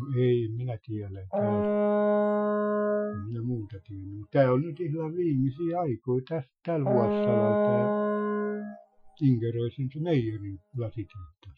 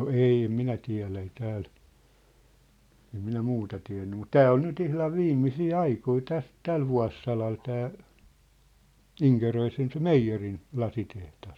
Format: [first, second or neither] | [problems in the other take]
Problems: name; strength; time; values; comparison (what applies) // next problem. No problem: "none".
second | noise reduction (classical method Wiener filter)